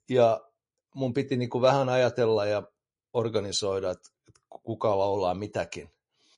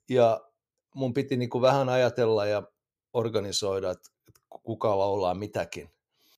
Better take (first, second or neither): second